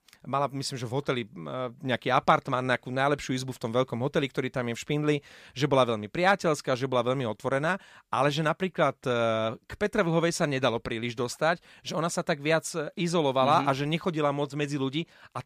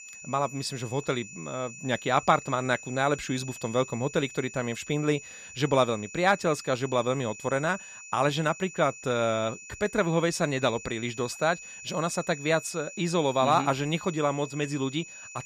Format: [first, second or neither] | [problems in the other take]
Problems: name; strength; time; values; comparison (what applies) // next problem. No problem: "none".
first | high-pitched whine; noticeable; throughout; 2.5 kHz, 15 dB below the speech